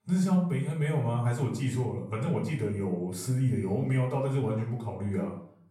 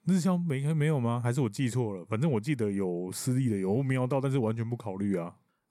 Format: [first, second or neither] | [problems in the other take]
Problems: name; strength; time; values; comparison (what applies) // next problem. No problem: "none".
second | off-mic speech; far // room echo; slight; dies away in 0.5 s